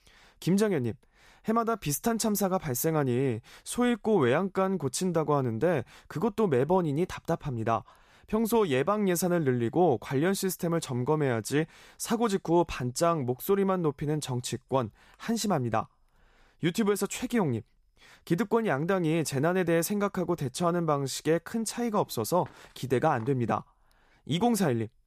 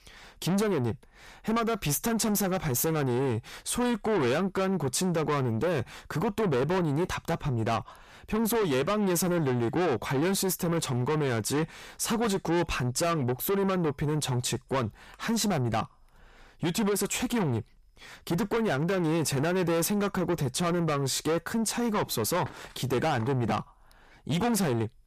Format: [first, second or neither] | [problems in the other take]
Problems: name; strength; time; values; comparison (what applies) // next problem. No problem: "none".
first | distortion; heavy; 6 dB below the speech